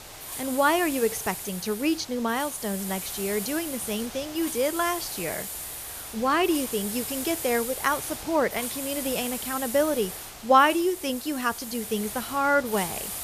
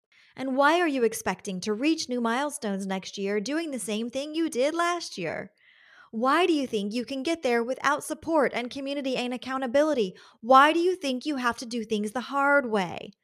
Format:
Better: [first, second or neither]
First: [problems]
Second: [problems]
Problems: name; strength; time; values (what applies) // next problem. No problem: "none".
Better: second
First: hiss; loud; throughout; 7 dB below the speech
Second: none